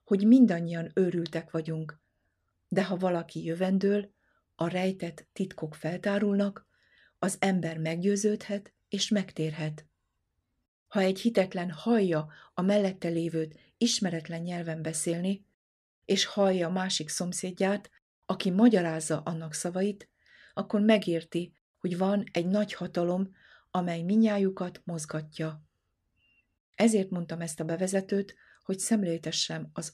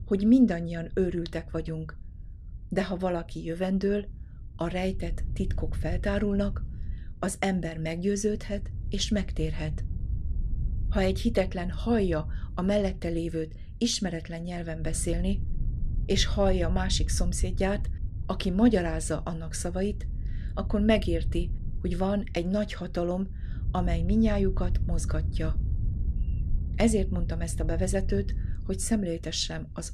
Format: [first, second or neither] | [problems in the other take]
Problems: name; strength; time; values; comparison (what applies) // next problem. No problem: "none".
first | wind noise on the microphone; occasional gusts; 20 dB below the speech